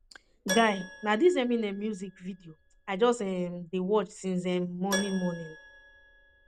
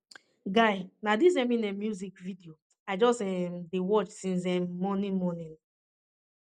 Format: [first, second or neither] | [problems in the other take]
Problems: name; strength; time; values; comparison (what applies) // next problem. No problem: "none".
second | background sound (Keyboard (musical)); 13 dB below the speech